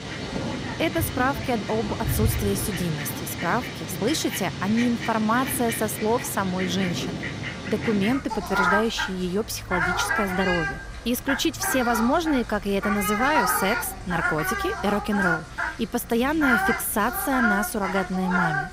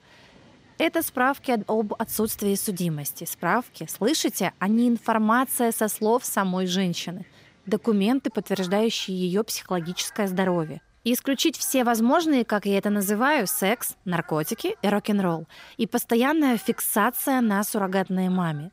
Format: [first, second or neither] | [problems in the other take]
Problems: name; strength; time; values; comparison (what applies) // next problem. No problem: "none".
second | animal sounds; loud; throughout; 2 dB below the speech; faint in the second